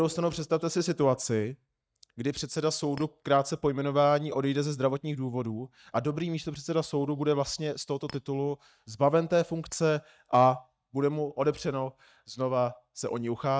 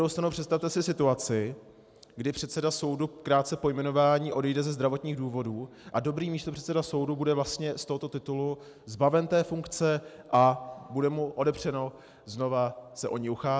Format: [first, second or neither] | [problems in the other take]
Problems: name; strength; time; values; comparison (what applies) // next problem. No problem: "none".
second | noise reduction (neural mask model DeepFilterNet 3)